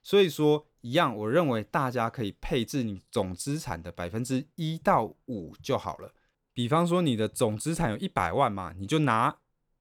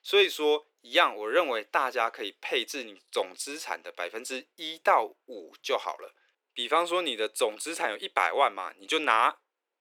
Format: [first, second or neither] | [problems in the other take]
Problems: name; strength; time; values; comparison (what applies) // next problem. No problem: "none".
first | thin; very; fading below 350 Hz